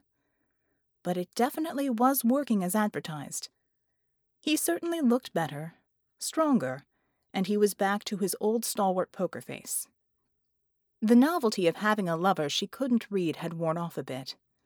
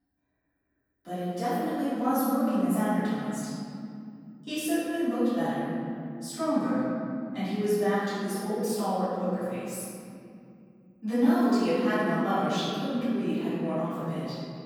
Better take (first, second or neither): first